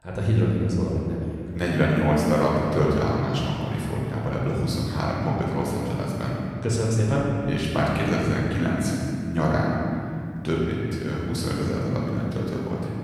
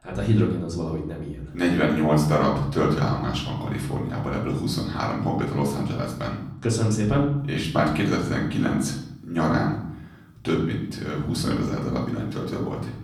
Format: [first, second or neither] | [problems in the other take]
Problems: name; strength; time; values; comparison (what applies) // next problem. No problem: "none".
second | room echo; strong; dies away in 2.5 s; slight in the second // off-mic speech; far; far in the second